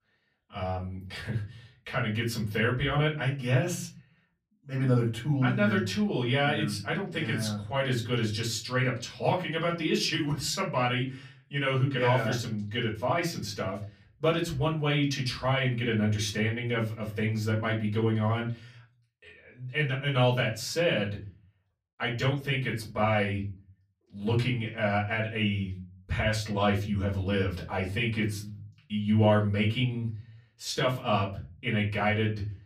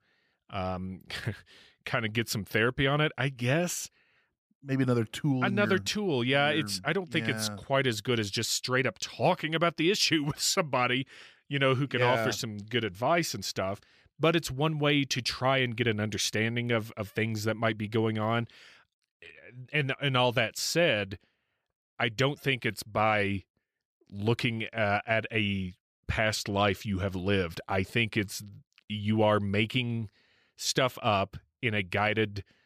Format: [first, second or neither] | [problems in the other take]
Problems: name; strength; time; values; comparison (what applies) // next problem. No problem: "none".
second | off-mic speech; far // room echo; very slight; dies away in 0.4 s